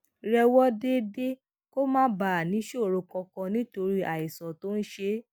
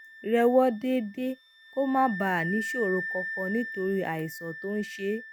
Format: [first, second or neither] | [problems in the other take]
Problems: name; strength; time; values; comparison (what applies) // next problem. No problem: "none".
first | background sound (Wind instrument, woodwind instrument); 10 dB below the speech